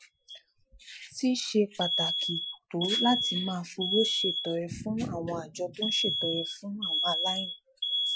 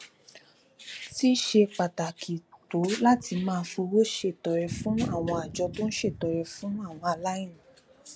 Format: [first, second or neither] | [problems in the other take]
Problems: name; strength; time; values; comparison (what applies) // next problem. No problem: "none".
second | noise reduction (classical method Wiener filter)